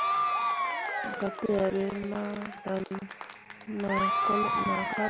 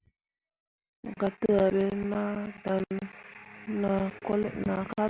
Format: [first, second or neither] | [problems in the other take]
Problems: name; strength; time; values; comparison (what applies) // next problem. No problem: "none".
second | background sound (Applause / Crowd / Cheering); 1 dB above the speech